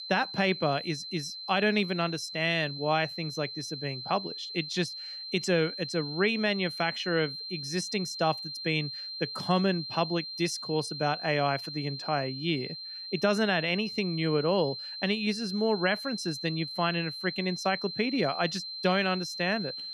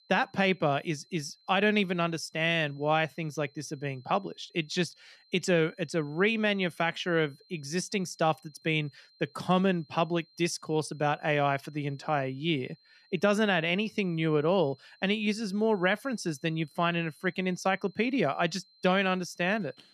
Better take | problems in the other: second | high-pitched whine; loud; throughout; 4 kHz, 7 dB below the speech; faint in the second

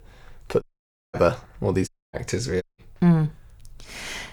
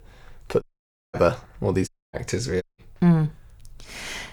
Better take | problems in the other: neither | audio cutting out; at 0.5 s for 0.5 s, at 2 s and at 2.5 s; the same in both

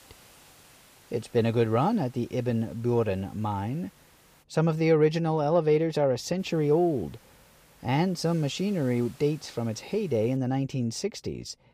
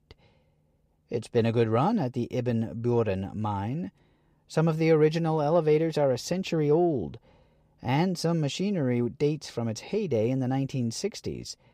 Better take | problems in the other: second | hiss; faint; until 4.5 s and from 6.5 to 10 s; 30 dB below the speech

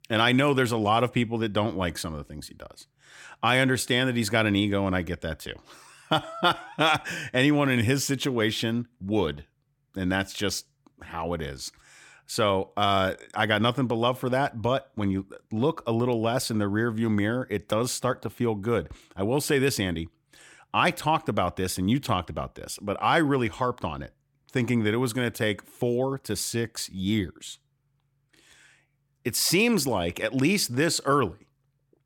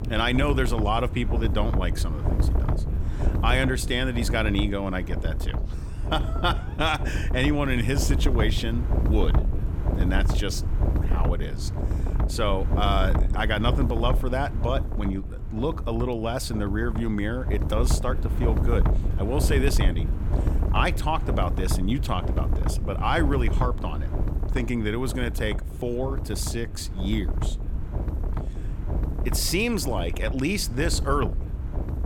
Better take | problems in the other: first | wind noise on the microphone; heavy; 10 dB below the speech

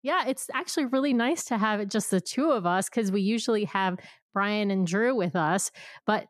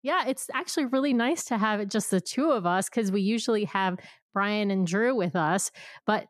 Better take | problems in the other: neither | none

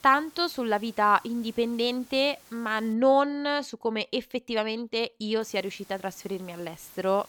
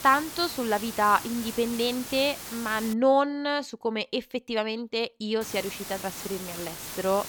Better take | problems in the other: first | hiss; loud; until 3 s and from 5.5 s on; 9 dB below the speech; faint in the first

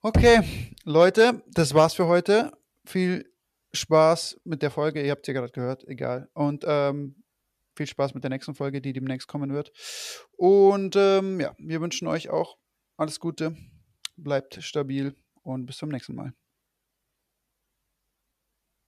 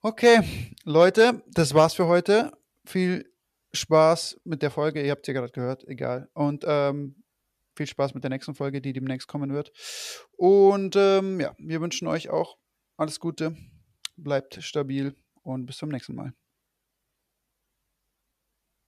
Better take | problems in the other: second | door banging; noticeable; at the start; peak level with the speech

